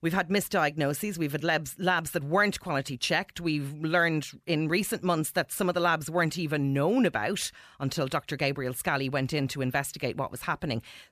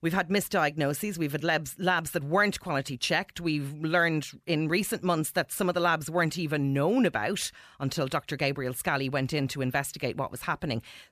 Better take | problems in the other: neither | none

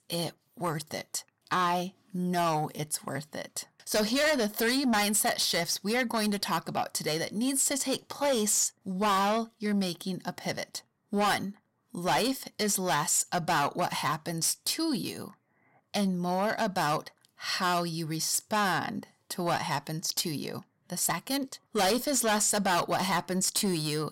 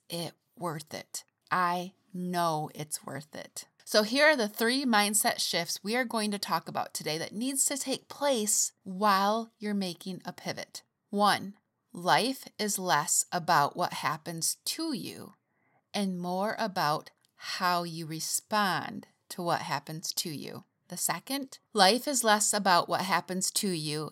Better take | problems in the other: second | distortion; heavy; 6 dB below the speech

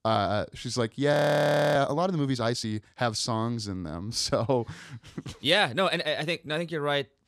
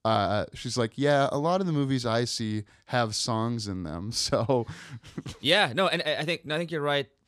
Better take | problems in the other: second | audio freezing; at 1 s for 0.5 s

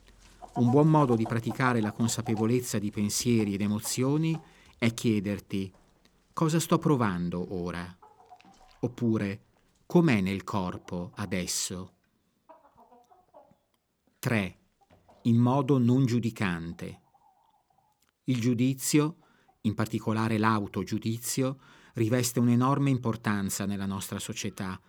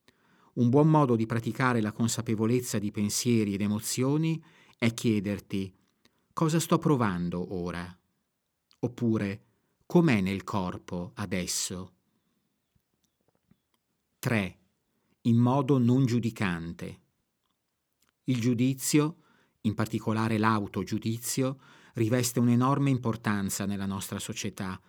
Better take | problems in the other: second | animal sounds; noticeable; throughout; 20 dB below the speech

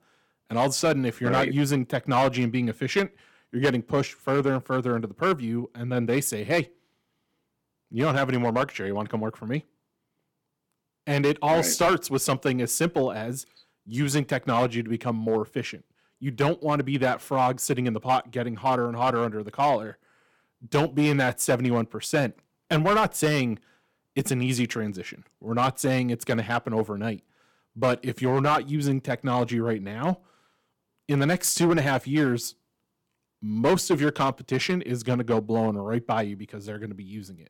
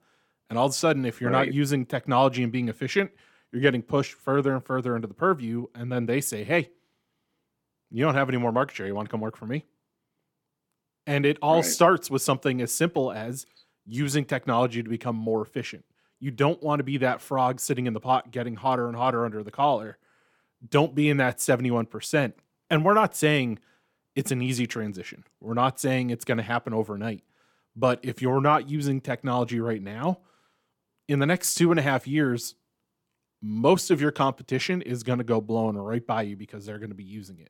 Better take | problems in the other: second | distortion; slight; 4% of the sound clipped

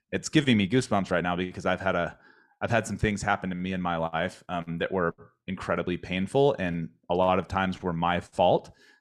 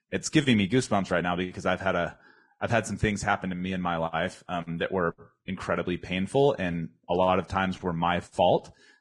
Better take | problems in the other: first | garbled, watery; badly

